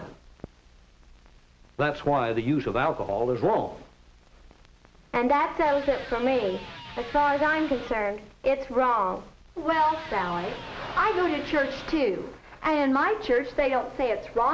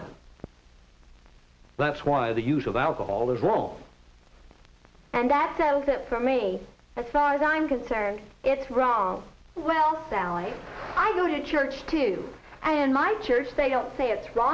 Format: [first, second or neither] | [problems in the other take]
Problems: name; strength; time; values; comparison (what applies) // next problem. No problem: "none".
second | background sound (Electric guitar); 16 dB below the speech